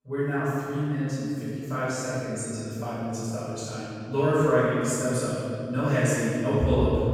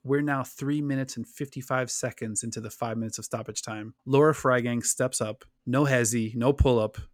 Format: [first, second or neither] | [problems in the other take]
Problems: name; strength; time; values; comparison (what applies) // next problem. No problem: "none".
second | off-mic speech; far // room echo; strong; dies away in 2.9 s